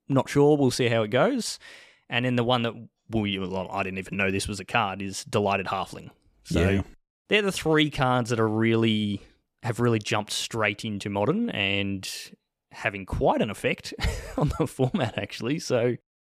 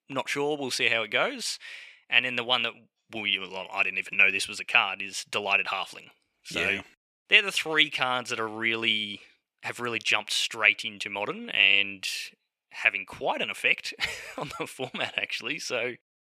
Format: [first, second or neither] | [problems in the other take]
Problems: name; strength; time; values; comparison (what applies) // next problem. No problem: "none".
first | thin; somewhat; fading below 900 Hz